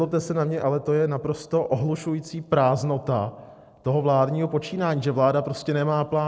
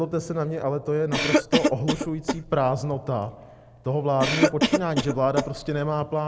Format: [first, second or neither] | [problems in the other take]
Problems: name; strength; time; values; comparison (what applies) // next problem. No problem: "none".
first | background sound (Cough); 2 dB below the speech